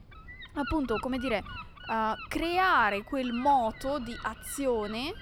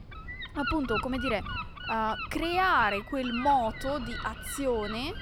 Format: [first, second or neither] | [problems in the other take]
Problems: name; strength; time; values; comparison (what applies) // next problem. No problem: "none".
first | wind noise on the microphone; heavy; 7 dB below the speech; occasional gusts in the first